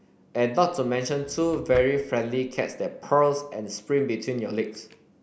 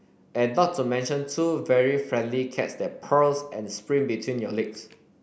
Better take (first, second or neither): second